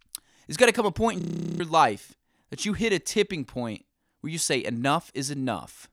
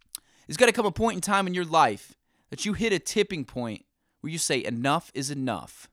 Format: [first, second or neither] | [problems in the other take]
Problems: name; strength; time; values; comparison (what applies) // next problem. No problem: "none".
second | audio freezing; at 1 s